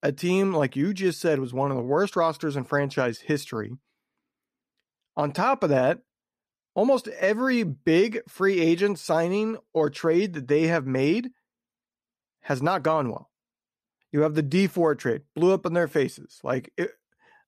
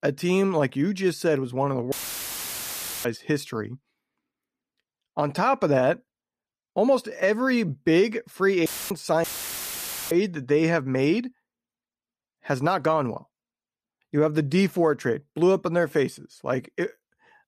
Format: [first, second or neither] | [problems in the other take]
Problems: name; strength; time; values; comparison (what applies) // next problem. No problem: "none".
first | audio cutting out; filled with static; at 2 s for 1 s, at 8.5 s and at 9 s for 1 s